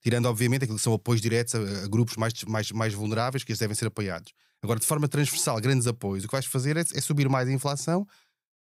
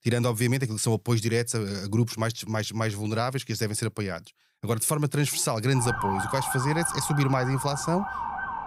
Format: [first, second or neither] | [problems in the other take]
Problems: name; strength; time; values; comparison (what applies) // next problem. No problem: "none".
first | siren; noticeable; from 5.5 s on; peak 2 dB below the speech